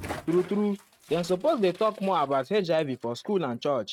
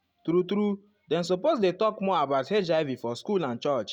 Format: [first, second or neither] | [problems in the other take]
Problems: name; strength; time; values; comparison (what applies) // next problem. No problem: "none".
second | noise reduction (neural mask model RNNoise)